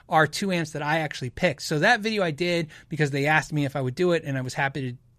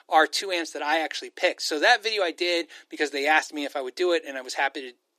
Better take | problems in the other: first | thin; very; fading below 300 Hz

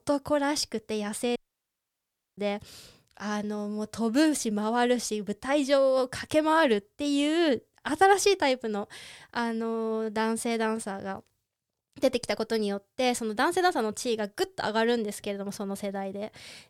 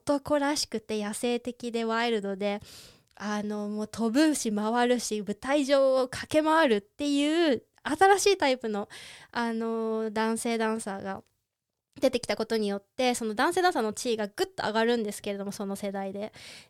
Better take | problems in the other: second | audio cutting out; at 1.5 s for 1 s

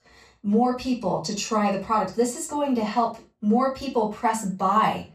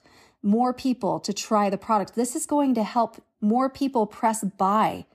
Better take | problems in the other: second | room echo; slight; dies away in 0.3 s // off-mic speech; far

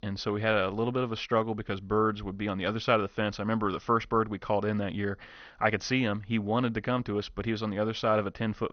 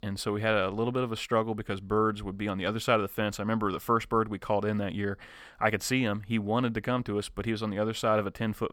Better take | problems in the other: second | garbled, watery; slightly; nothing above 6 kHz

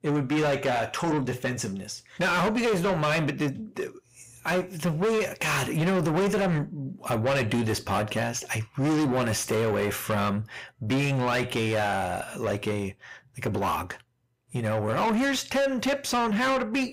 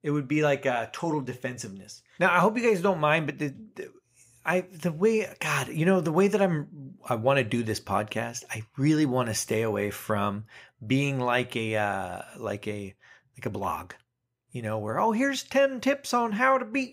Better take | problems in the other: second | distortion; heavy; 5 dB below the speech

